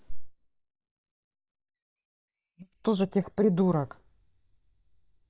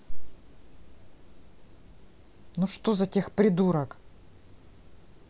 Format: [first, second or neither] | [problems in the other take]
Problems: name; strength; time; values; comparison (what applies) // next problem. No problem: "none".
second | noise reduction (neural mask model DeepFilterNet 3)